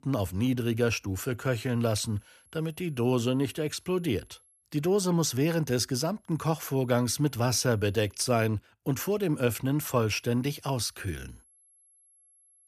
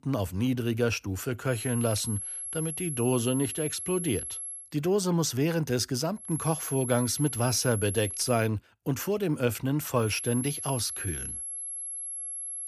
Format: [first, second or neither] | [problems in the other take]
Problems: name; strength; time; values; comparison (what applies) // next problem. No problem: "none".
first | high-pitched whine; loud; from 1.5 to 4.5 s, from 6.5 to 8.5 s and from 10 s on; 11 kHz, 5 dB below the speech; faint in the first